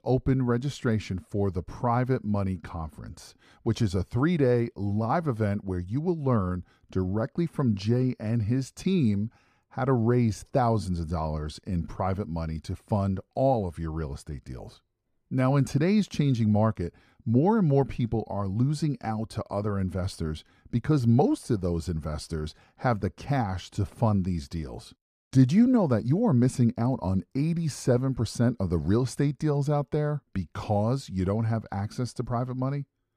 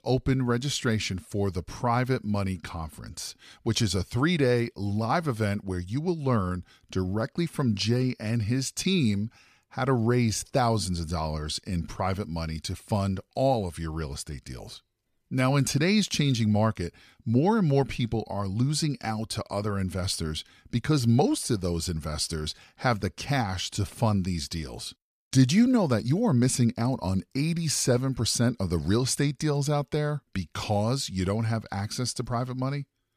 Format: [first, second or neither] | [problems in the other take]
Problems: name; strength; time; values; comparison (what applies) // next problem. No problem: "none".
second | muffled; slightly; fading above 1.5 kHz